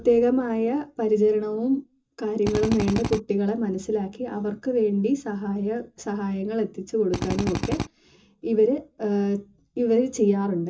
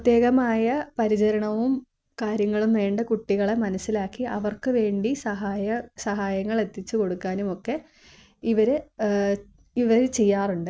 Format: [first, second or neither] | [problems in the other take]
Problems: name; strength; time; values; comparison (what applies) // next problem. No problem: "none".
second | background sound (Drill); 3 dB below the speech // room echo; dies away in 0.2 s